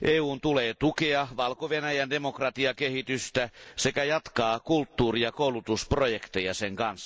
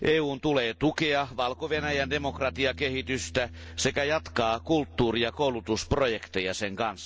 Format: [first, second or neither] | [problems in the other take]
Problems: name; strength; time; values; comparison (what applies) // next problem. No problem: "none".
first | background sound (Bass guitar); 17 dB below the speech